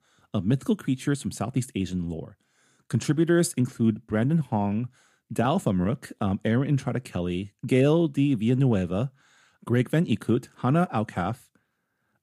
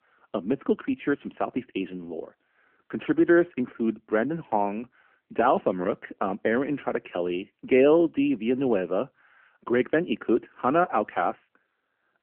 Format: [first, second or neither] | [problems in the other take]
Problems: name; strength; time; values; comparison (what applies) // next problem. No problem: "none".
first | phone-call audio